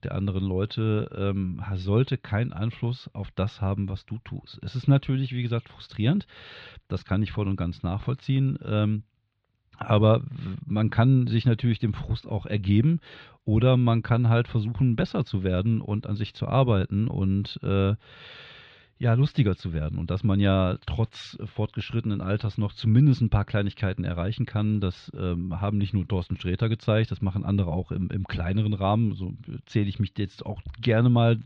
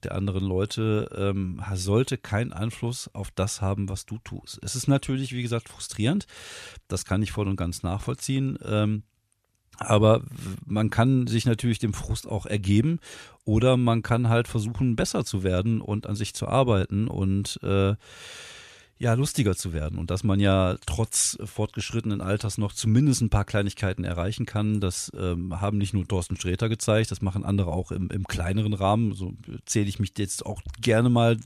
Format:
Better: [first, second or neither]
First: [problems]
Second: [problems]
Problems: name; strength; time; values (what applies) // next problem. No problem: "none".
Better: second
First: muffled; slightly; fading above 4 kHz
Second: none